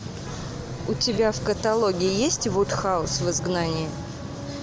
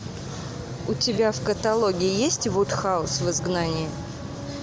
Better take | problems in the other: second | background sound (Vehicle horn, car horn, honking); 17 dB below the speech

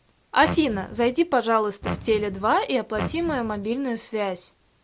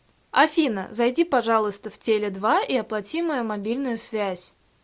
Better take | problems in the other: second | background sound (Fart); 9 dB below the speech

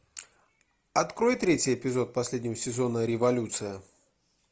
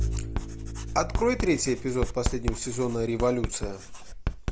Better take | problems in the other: first | background sound (Writing + Bowed string instrument); 2 dB below the speech

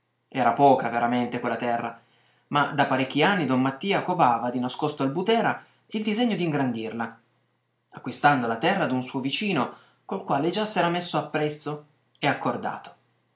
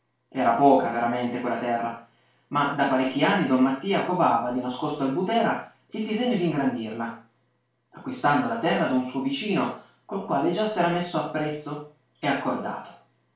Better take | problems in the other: first | room echo; dies away in 0.3 s

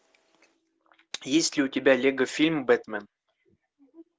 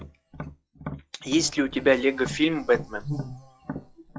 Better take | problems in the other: first | noise reduction (classical method log-MMSE)

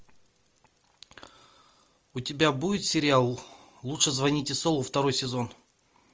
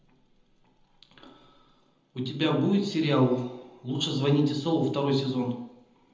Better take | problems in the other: first | room echo; dies away in 0.8 s

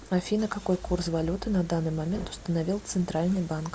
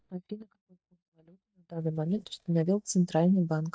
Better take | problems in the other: first | noise reduction (neural mask model DeepFilterNet 3)

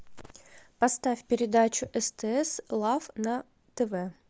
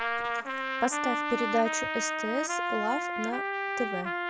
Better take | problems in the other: first | background sound (Trumpet); 1 dB above the speech

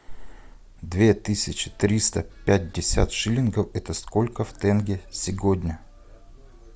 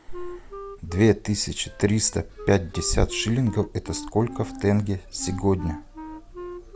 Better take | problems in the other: first | background sound (Wind instrument, woodwind instrument); 15 dB below the speech

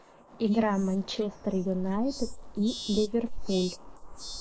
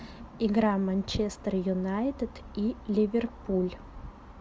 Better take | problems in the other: second | noise reduction (neural mask model Resemble Enhance denoiser)

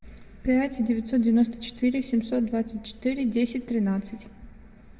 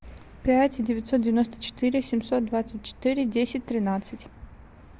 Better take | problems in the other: second | room echo; dies away in 1.1 s

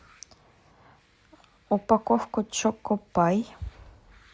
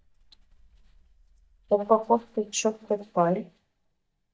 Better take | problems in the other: first | noise reduction (neural mask model DeepFilterNet 3)

